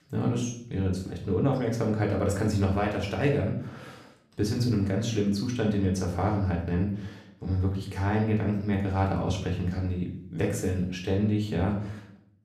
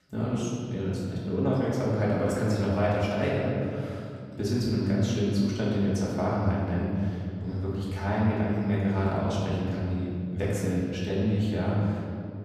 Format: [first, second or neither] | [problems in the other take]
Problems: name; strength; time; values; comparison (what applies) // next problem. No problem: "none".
first | room echo; strong; dies away in 2.3 s; slight in the first // off-mic speech; far; far in the first